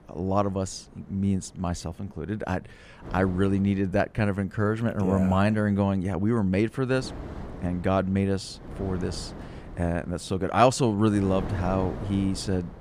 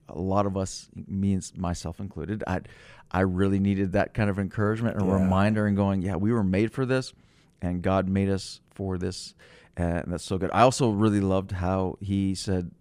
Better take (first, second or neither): second